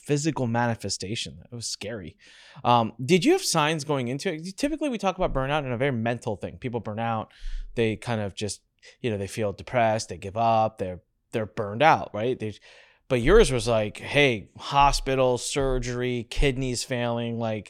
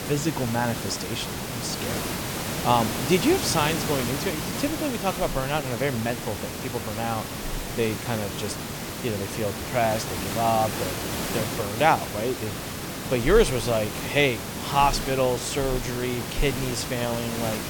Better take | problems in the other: first | hiss; loud; throughout; 4 dB below the speech

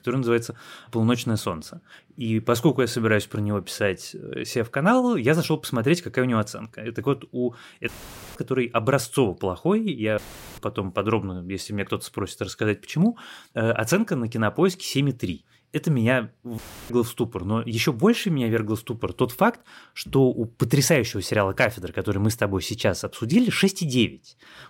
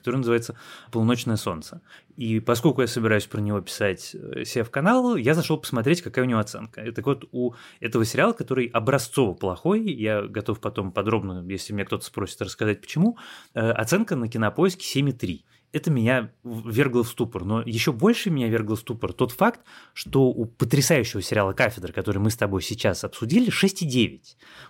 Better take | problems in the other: second | audio cutting out; filled with static; at 8 s, at 10 s and at 17 s

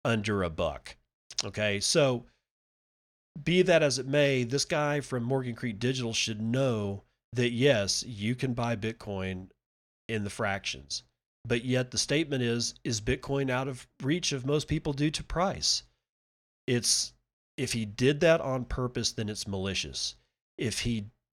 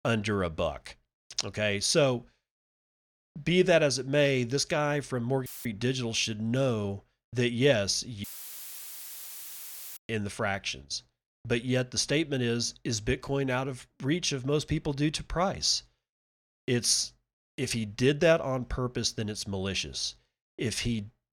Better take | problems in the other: first | audio cutting out; filled with static; at 5.5 s and at 8 s for 1.5 s

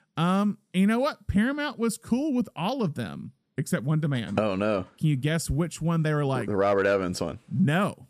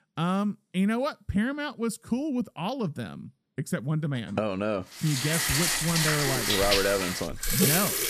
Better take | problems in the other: first | household noises; very loud; from 5 s on; 4 dB above the speech

